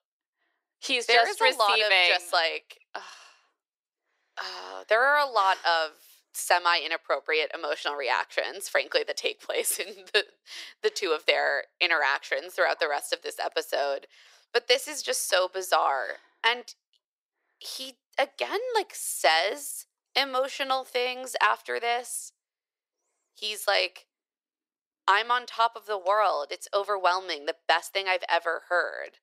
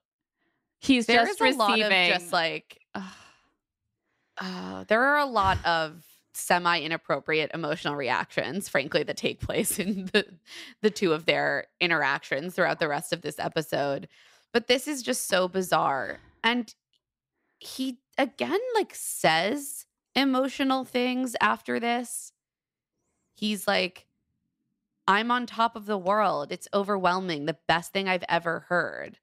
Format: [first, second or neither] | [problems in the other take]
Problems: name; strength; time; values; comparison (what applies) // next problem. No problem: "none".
second | thin; very; fading below 400 Hz